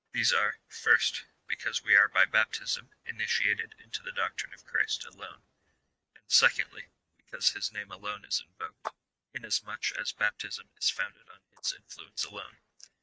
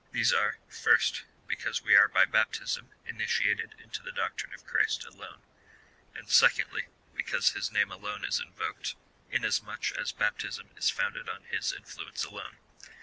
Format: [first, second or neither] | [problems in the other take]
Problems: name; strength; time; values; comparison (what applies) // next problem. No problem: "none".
second | noise reduction (neural mask model RNNoise)